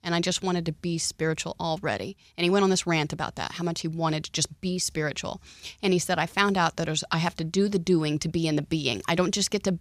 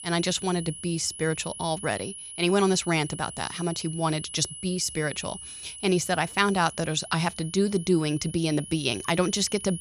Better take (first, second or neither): first